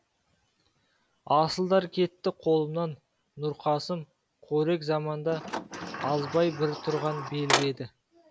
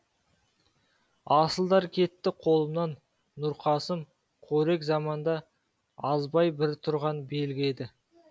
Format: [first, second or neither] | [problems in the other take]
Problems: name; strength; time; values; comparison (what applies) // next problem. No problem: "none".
second | background sound (Sliding door); 4 dB below the speech